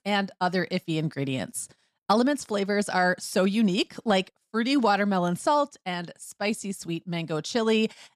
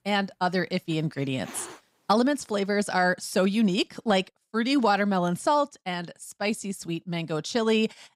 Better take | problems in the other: first | animal sounds; noticeable; until 3 s; 20 dB below the speech

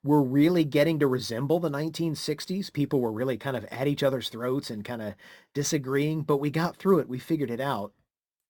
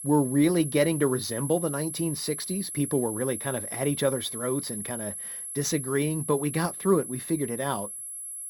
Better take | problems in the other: first | high-pitched whine; loud; throughout; 11 kHz, 6 dB below the speech

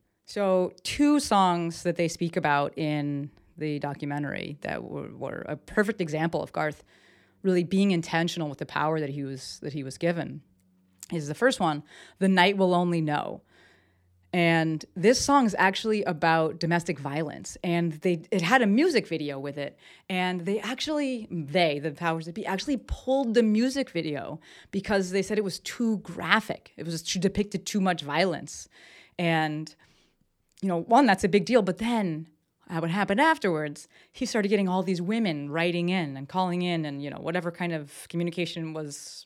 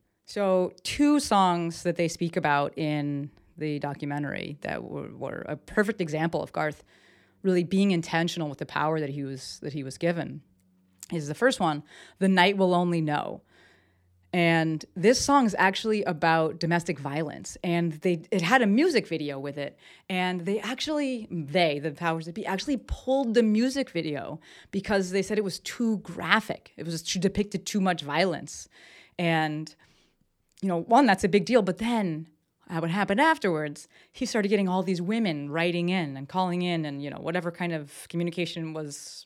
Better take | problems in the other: neither | none

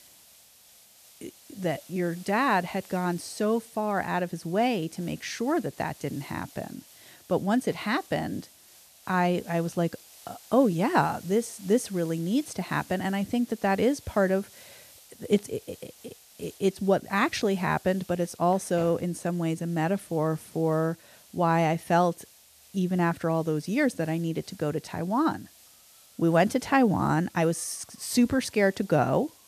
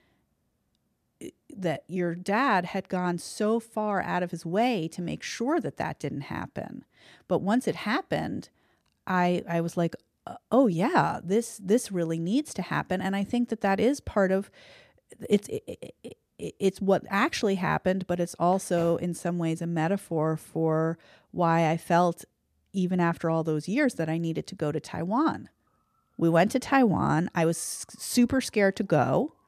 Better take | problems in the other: second | hiss; faint; throughout; 25 dB below the speech

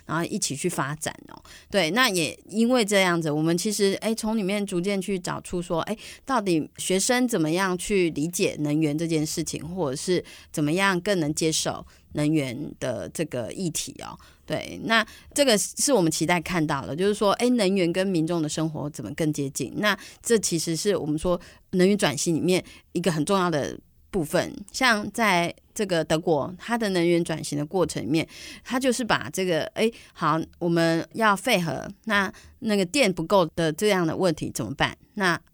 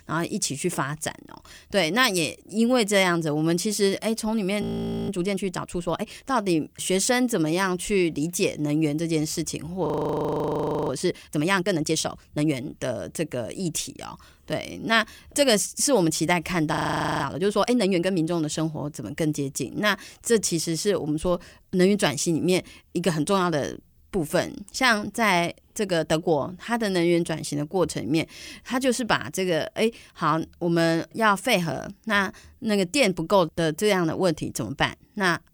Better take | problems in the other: first | audio freezing; at 4.5 s, at 10 s for 1 s and at 17 s

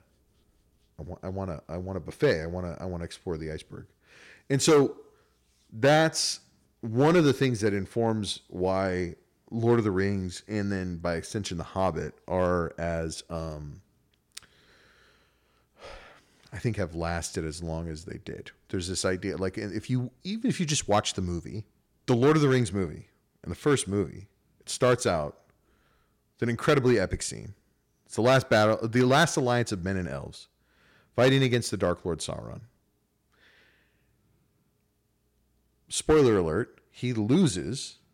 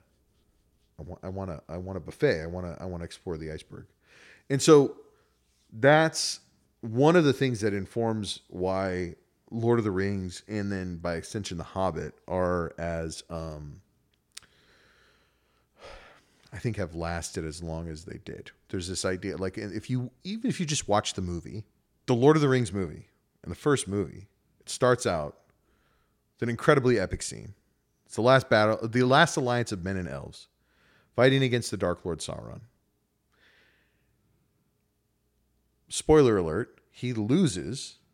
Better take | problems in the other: second | distortion; slight; 1.7% of the sound clipped

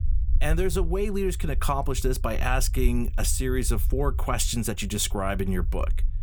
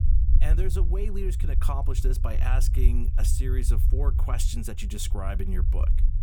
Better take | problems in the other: first | low rumble; loud; throughout; 8 dB below the speech; faint in the first

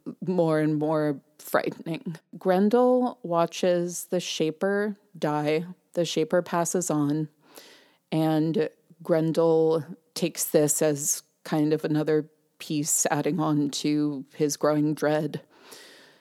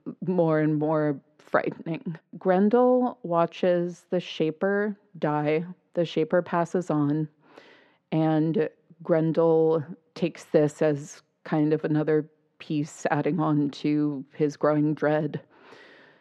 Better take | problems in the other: first | muffled; very; fading above 2 kHz

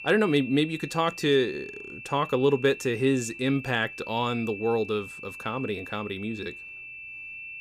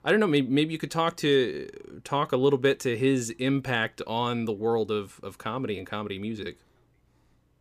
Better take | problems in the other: second | high-pitched whine; noticeable; throughout; 2.5 kHz, 10 dB below the speech

